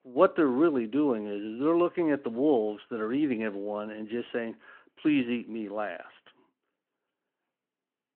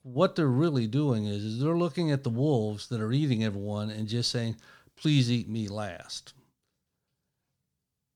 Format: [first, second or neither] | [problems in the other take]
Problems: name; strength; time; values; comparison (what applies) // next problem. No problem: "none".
second | phone-call audio